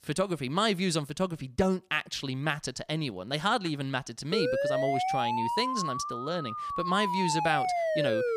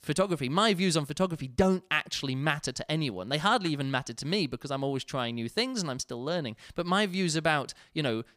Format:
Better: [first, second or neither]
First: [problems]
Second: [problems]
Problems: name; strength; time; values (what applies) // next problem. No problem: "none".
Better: second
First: siren; loud; from 4.5 s on; peak 2 dB above the speech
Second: none